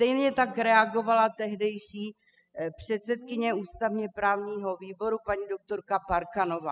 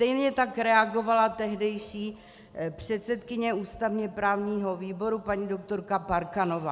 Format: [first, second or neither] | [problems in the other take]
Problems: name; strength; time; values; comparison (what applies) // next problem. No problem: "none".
second | noise reduction (classical method spectral subtraction)